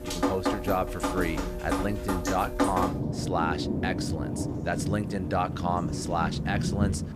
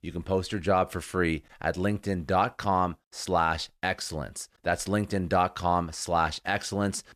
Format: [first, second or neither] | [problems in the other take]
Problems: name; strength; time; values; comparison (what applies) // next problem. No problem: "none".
second | rain or running water; very loud; throughout; 1 dB above the speech